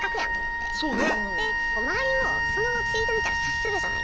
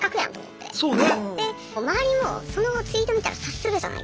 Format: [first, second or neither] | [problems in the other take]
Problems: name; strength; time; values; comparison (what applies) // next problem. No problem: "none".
second | background sound (Wind instrument, woodwind instrument); 4 dB above the speech